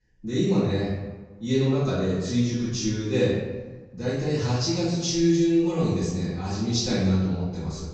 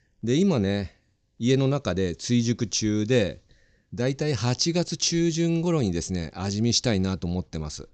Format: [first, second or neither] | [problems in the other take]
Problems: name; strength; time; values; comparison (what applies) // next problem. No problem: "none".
second | off-mic speech; far // room echo; strong; dies away in 1.1 s